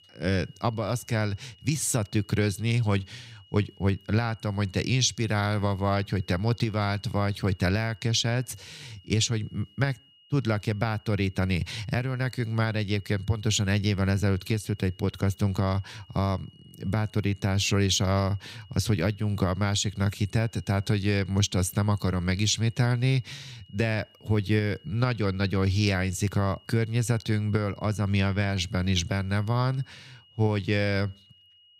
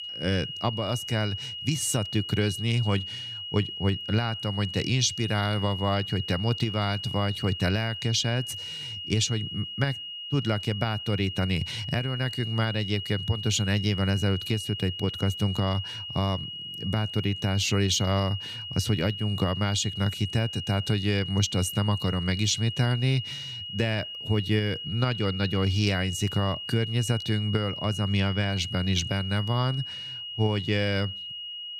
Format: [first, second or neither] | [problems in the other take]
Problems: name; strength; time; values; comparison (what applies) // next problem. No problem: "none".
first | high-pitched whine; loud; throughout; 3 kHz, 7 dB below the speech; faint in the first